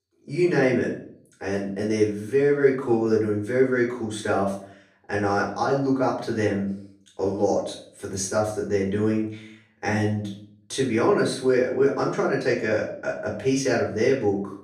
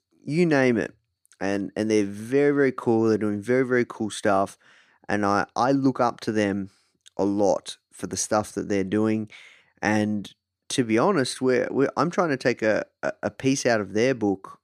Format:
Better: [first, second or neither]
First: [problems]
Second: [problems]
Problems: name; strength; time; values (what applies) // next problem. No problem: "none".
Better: second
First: off-mic speech; far // room echo; slight; dies away in 0.5 s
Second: none